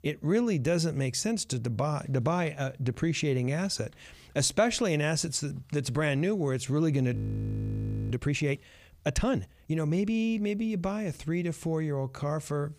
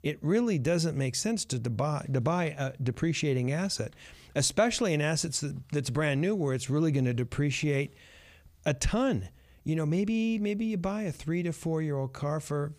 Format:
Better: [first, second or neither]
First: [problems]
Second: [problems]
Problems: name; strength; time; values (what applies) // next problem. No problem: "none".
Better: second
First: audio freezing; at 7 s for 1 s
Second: none